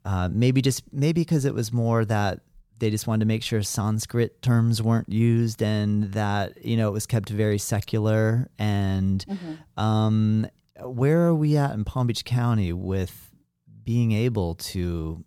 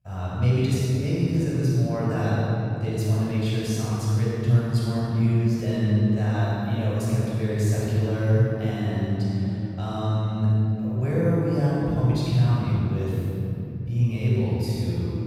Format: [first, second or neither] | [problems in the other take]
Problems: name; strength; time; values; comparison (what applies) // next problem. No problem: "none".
first | off-mic speech; far // room echo; strong; dies away in 3 s